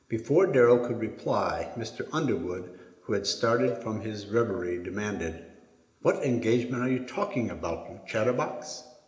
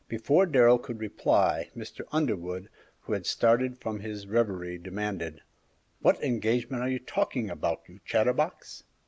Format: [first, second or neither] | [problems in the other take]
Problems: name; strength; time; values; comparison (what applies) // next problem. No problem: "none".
second | background sound (Cowbell); 14 dB below the speech // room echo; dies away in 0.8 s